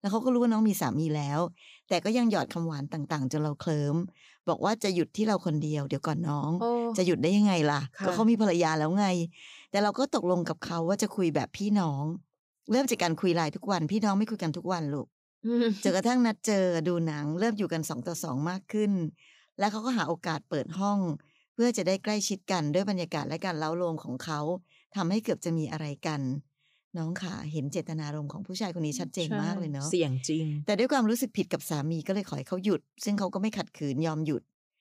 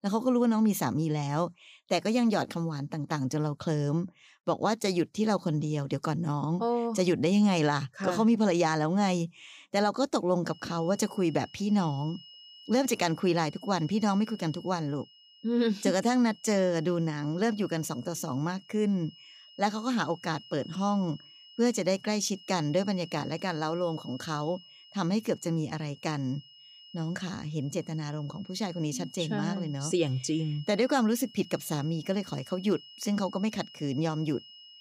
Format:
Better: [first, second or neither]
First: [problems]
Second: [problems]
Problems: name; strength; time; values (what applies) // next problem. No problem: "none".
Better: first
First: none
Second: high-pitched whine; faint; from 10 s on; 3 kHz, 20 dB below the speech